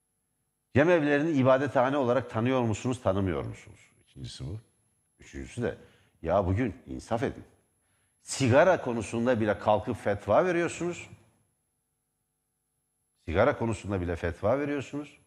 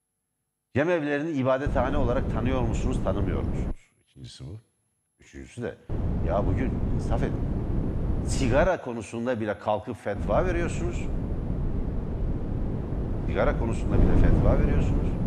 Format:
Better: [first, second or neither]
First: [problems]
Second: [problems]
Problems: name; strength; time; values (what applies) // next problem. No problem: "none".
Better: first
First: none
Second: wind noise on the microphone; heavy; from 1.5 to 3.5 s, from 6 to 8.5 s and from 10 s on; 8 dB below the speech